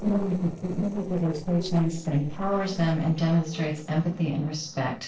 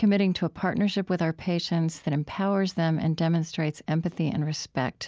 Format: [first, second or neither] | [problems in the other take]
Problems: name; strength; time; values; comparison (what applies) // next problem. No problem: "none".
second | noise reduction (neural separator model SepFormer DNS4)